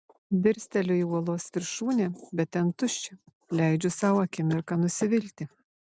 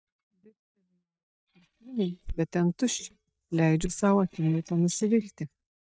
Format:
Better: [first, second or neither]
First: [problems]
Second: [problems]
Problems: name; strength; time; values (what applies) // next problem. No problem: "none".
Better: first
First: none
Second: noise reduction (neural mask model DeepFilterNet 3)